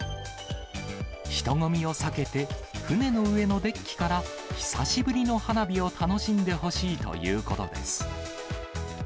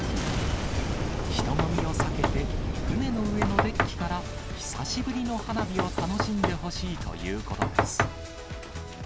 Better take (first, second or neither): first